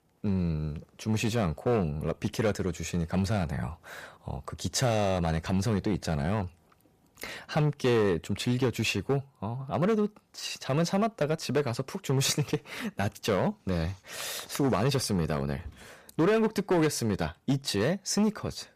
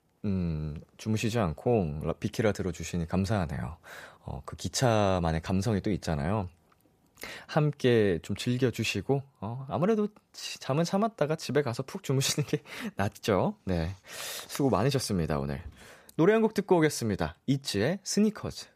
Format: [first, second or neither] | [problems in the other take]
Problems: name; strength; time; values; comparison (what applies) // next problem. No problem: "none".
second | distortion; slight; 5% of the sound clipped